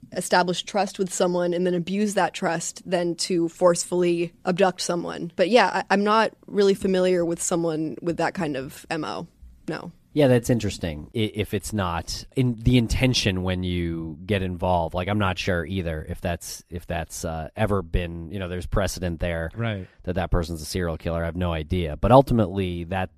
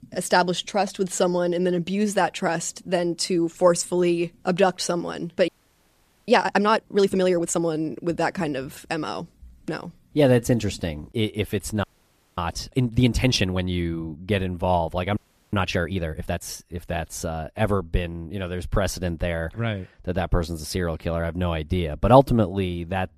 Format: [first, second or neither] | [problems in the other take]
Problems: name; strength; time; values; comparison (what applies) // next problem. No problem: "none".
first | audio freezing; at 5.5 s for 1 s, at 12 s for 0.5 s and at 15 s